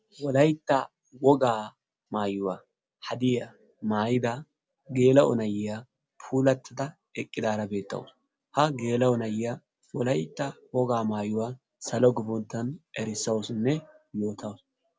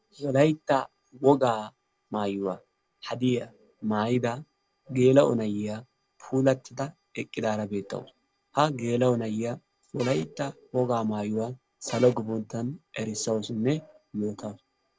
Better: first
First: none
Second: noise reduction (neural separator model SepFormer DNS4)

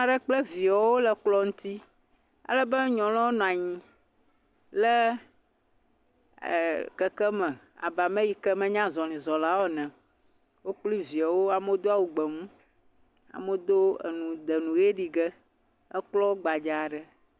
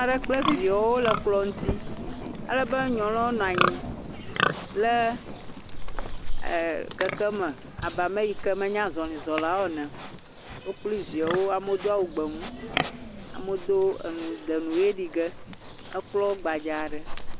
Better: first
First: none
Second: background sound (Wind + Livestock, farm animals, working animals); 4 dB below the speech

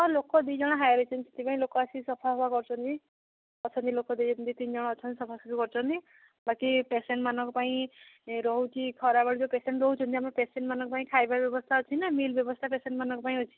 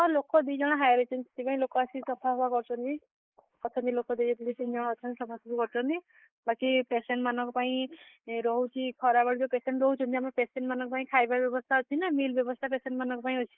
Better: first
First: none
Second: noise reduction (neural mask model Resemble Enhance denoiser)

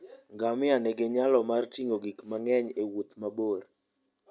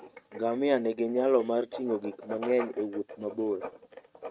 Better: first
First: none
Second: noise reduction (neural mask model RNNoise)

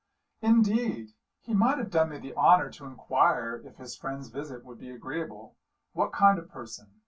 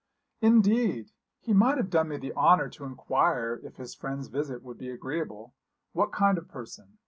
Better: second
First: room echo; dies away in 0.1 s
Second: none

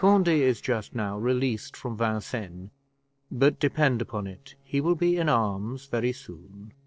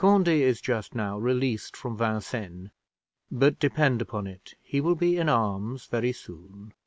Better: second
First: noise reduction (neural separator model SepFormer DNS4)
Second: none

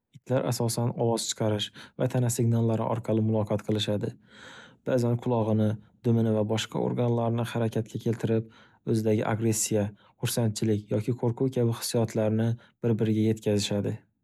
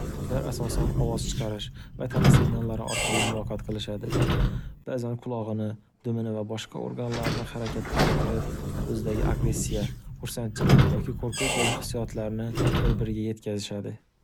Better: first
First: none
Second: background sound (Squeak / Sliding door); 5 dB above the speech

